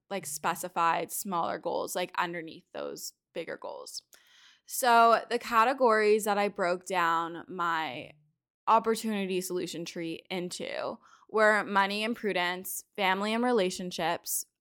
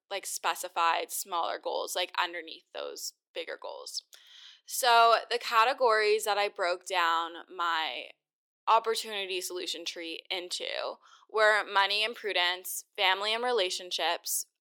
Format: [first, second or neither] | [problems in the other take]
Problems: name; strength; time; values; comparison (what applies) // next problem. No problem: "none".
first | thin; very; fading below 400 Hz